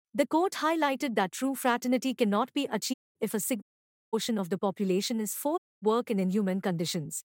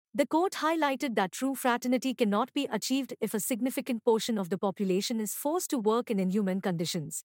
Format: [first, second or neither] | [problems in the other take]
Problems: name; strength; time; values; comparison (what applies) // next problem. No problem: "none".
second | audio cutting out; at 3 s, at 3.5 s for 0.5 s and at 5.5 s